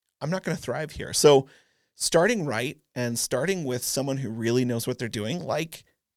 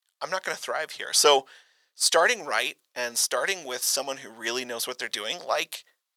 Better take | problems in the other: first | thin; very; fading below 800 Hz

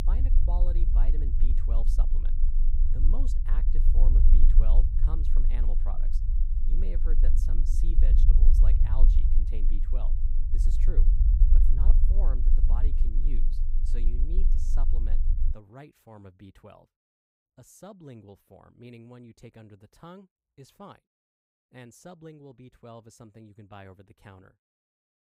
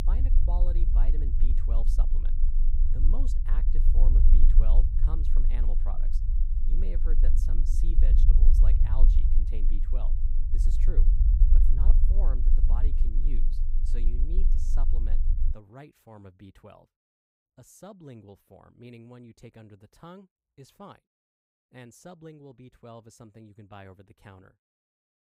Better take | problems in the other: neither | low rumble; loud; until 16 s; 2 dB below the speech; the same in both

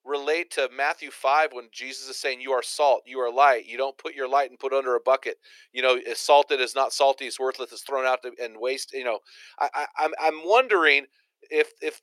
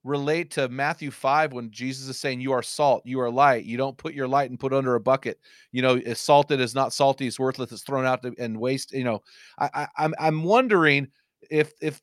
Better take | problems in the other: second | thin; very; fading below 350 Hz

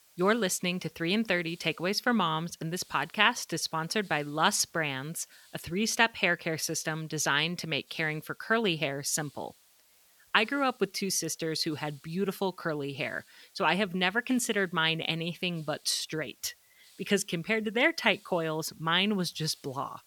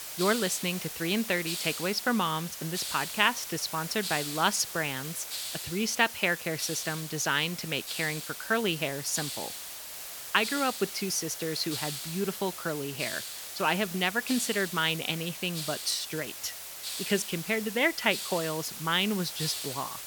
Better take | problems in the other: first | hiss; loud; throughout; 6 dB below the speech; faint in the first

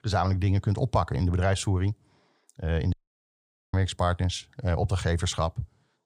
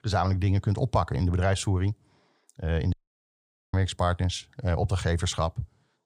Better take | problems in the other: neither | audio cutting out; at 3 s for 1 s; the same in both

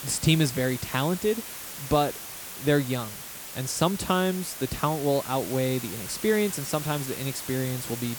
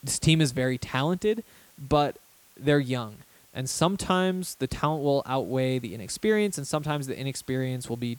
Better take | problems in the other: second | hiss; loud; throughout; 8 dB below the speech; faint in the second

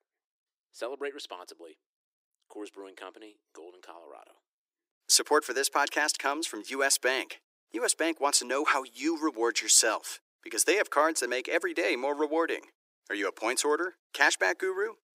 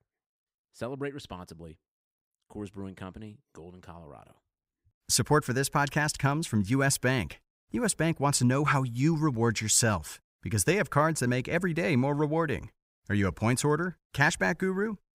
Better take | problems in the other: second | thin; very; fading below 300 Hz

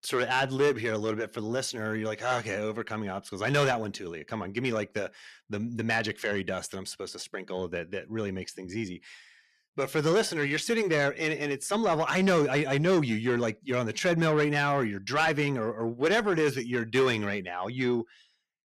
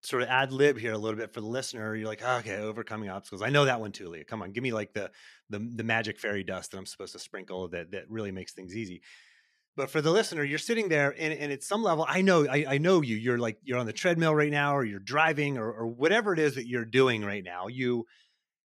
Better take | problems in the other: second | distortion; slight; 10 dB below the speech

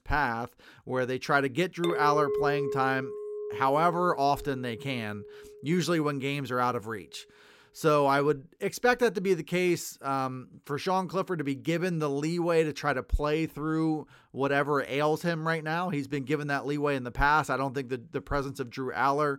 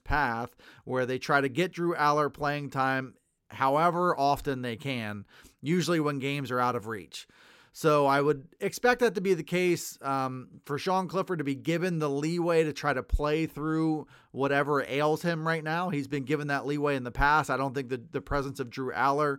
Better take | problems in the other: second | clattering dishes; noticeable; from 2 to 5.5 s; peak 1 dB below the speech

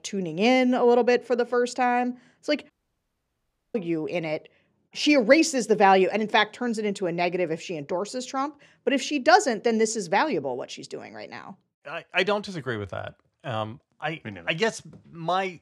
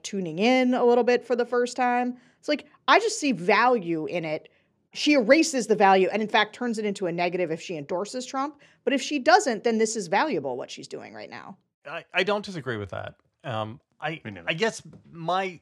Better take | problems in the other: second | audio cutting out; at 2.5 s for 1 s

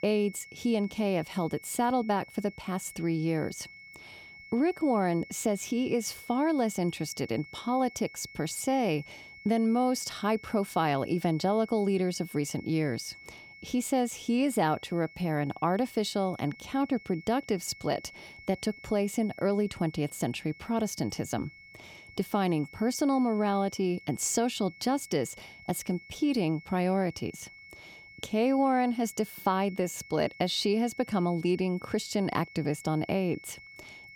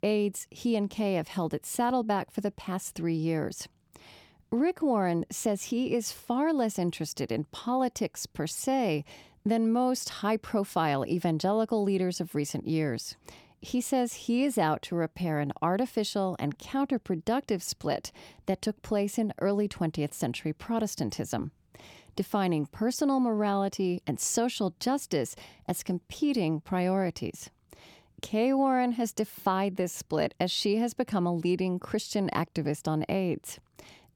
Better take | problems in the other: second | high-pitched whine; noticeable; throughout; 2 kHz, 20 dB below the speech

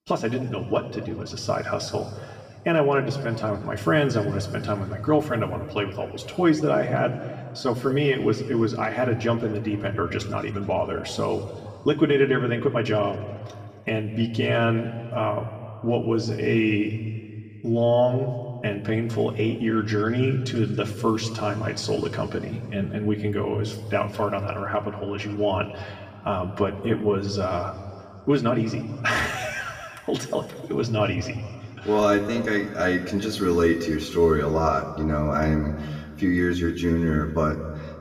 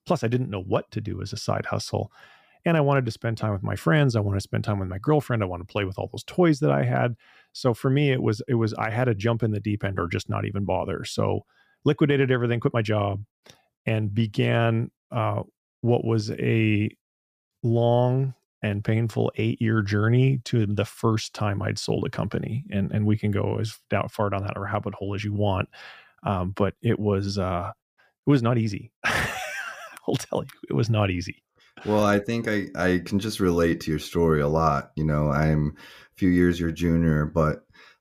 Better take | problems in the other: second | room echo; noticeable; dies away in 2.1 s // off-mic speech; far

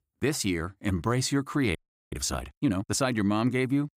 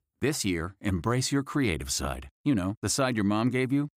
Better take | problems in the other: second | audio freezing; at 2 s

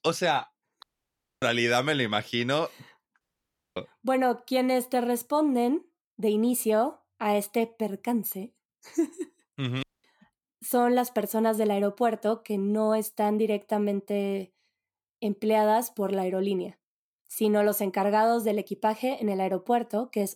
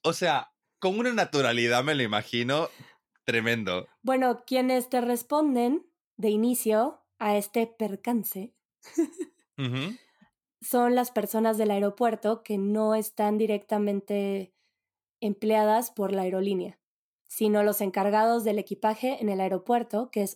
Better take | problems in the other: second | audio cutting out; at 1 s for 0.5 s, at 3 s for 0.5 s and at 10 s

